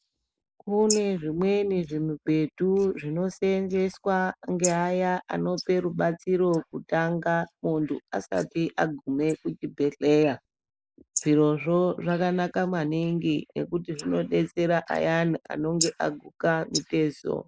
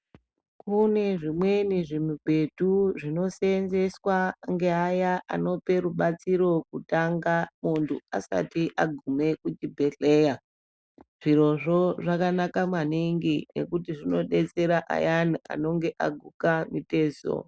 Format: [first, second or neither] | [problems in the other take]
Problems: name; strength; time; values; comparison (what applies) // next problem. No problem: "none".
second | noise reduction (neural mask model Resemble Enhance denoiser)